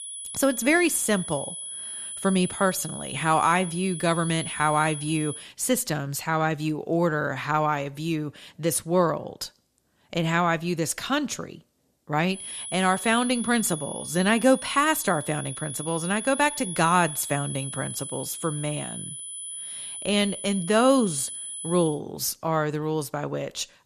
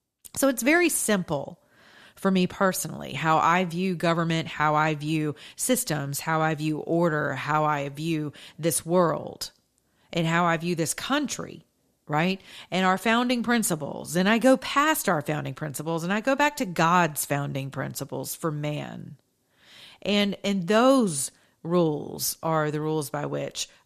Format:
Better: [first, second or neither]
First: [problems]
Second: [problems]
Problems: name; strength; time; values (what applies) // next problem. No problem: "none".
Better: second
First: high-pitched whine; loud; until 5.5 s and from 12 to 22 s; 10.5 kHz, 8 dB below the speech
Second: none